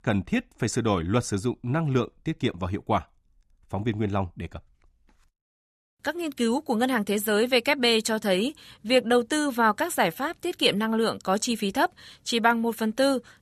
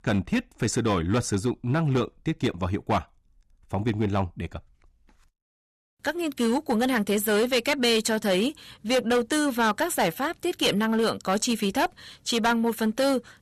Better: first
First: none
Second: distortion; slight; 8% of the sound clipped

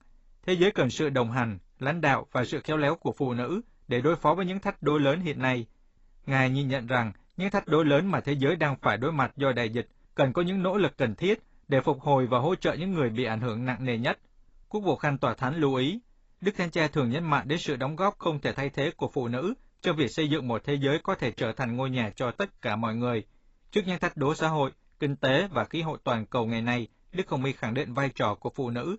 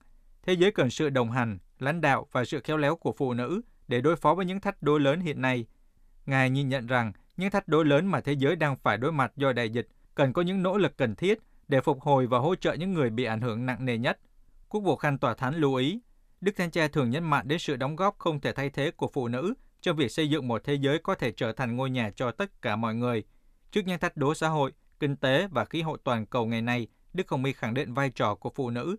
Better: second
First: garbled, watery; badly; nothing above 7.5 kHz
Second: none

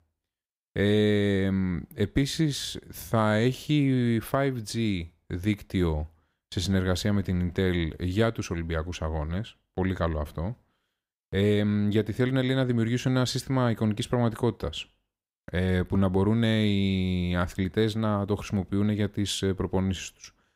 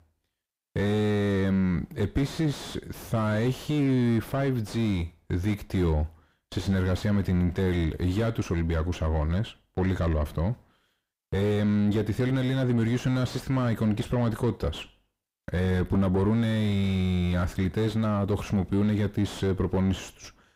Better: first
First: none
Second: distortion; heavy; 7 dB below the speech

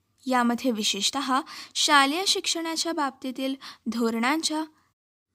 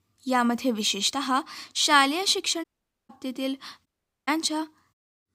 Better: first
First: none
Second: audio cutting out; at 2.5 s and at 4 s

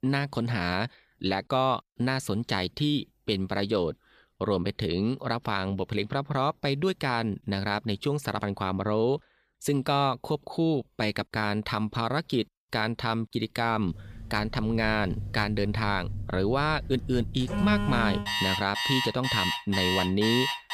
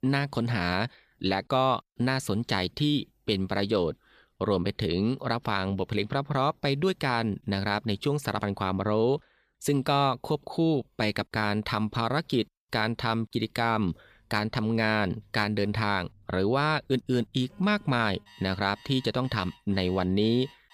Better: second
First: alarms or sirens; loud; from 14 s on; 2 dB below the speech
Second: alarms or sirens; faint; from 14 s on; 25 dB below the speech

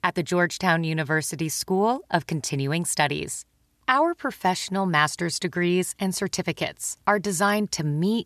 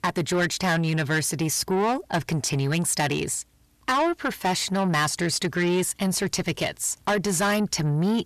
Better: first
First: none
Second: distortion; heavy; 8 dB below the speech

